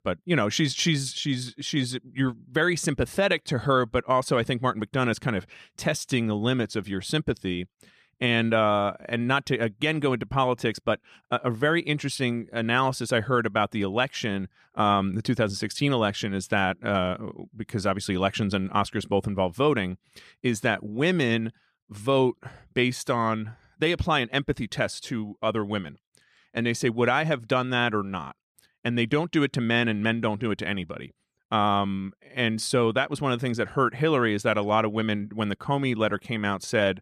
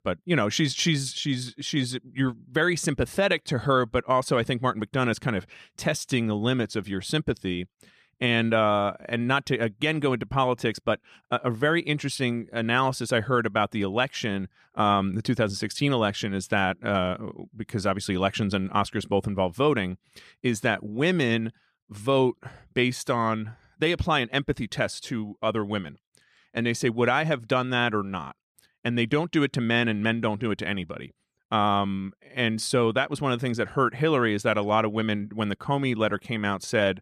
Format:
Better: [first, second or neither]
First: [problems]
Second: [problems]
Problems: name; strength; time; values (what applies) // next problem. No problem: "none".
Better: neither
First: none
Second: none